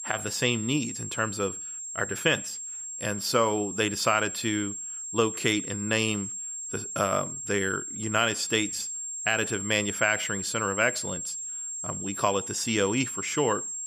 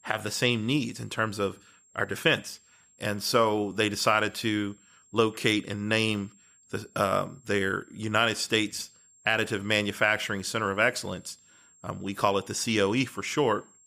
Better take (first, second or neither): second